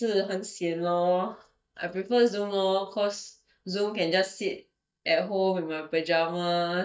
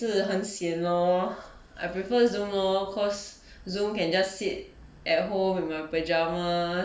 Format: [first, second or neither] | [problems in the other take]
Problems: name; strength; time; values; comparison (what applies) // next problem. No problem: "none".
second | noise reduction (neural mask model DeepFilterNet 3)